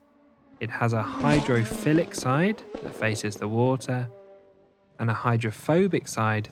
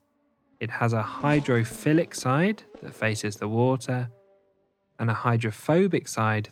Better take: second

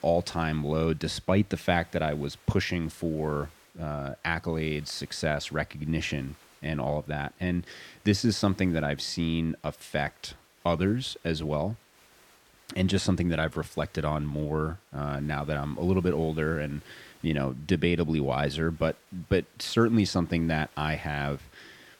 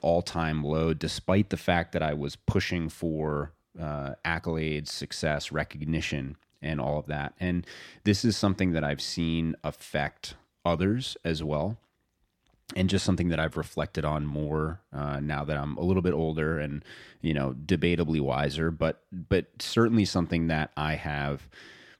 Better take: second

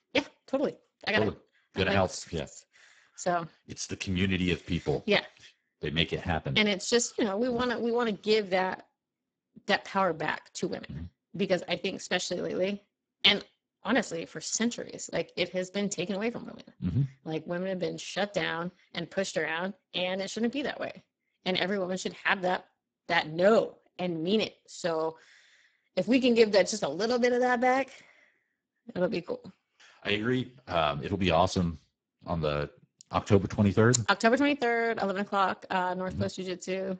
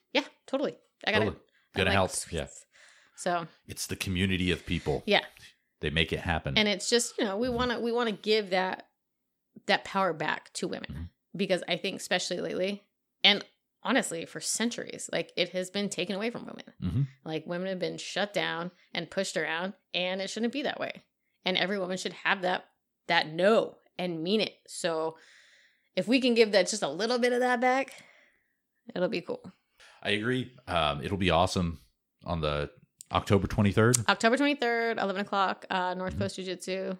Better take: second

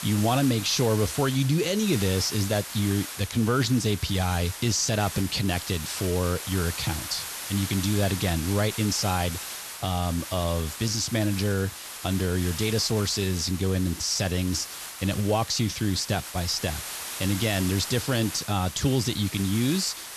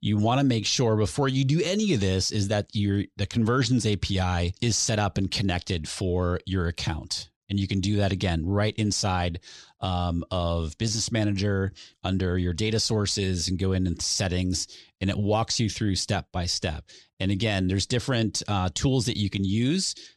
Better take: second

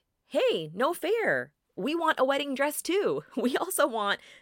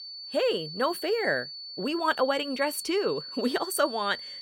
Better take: first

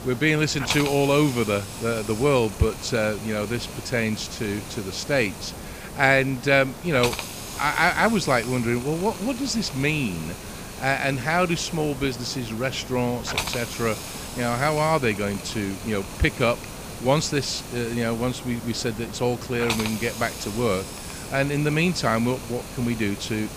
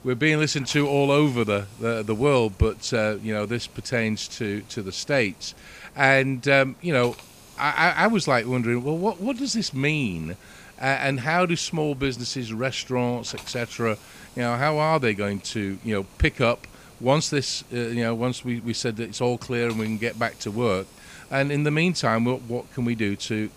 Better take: second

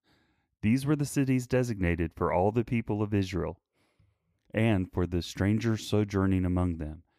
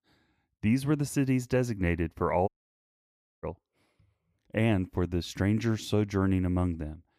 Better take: first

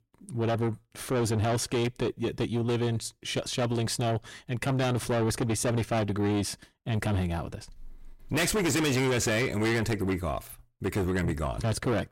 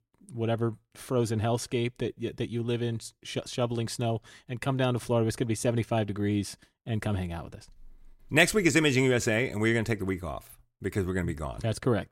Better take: second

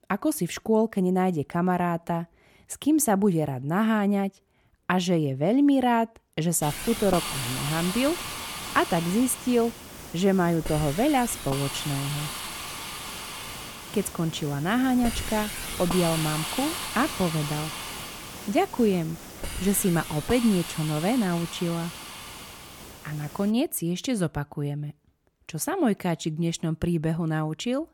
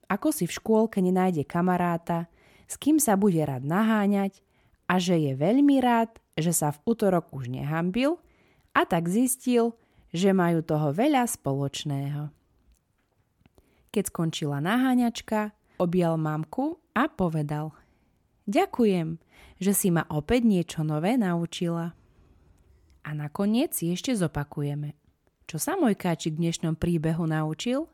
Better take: second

